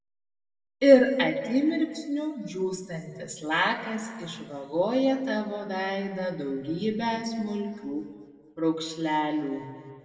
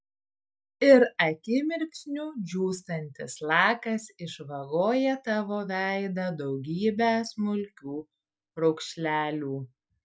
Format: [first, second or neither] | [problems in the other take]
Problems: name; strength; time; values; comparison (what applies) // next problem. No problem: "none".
second | room echo; dies away in 1.6 s